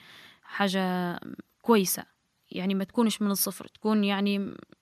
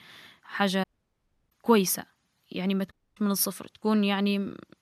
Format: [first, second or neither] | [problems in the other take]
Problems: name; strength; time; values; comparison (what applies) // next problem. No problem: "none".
first | audio cutting out; at 1 s for 0.5 s and at 3 s